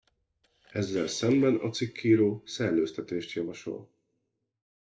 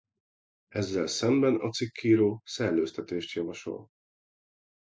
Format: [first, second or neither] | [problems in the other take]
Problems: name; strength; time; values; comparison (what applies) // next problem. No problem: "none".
second | noise reduction (neural separator model SepFormer DNS4)